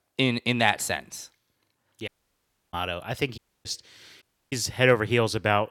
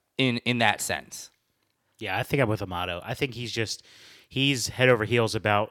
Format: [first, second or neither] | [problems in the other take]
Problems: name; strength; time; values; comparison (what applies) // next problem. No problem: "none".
second | audio cutting out; at 2 s for 0.5 s, at 3.5 s and at 4 s